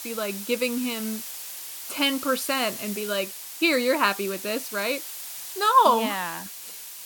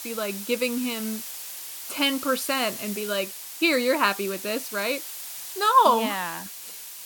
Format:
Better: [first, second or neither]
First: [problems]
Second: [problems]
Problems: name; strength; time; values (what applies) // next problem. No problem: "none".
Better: neither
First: hiss; loud; throughout; 10 dB below the speech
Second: hiss; loud; throughout; 10 dB below the speech